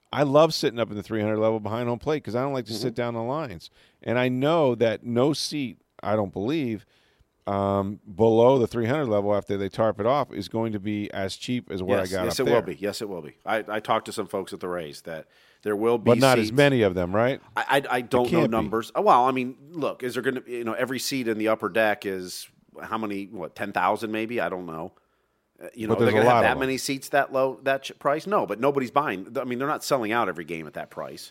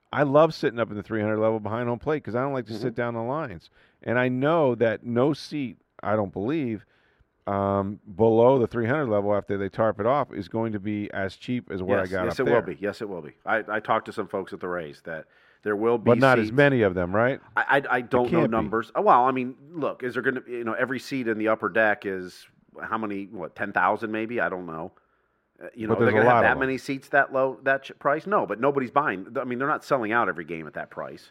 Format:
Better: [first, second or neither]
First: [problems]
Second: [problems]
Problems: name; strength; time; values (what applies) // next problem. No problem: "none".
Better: first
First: none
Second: muffled; slightly; fading above 3.5 kHz